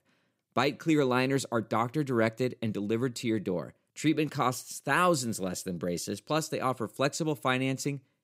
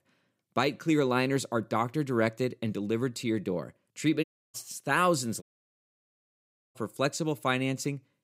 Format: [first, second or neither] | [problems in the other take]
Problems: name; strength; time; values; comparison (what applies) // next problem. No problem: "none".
first | audio cutting out; at 4 s and at 5.5 s for 1.5 s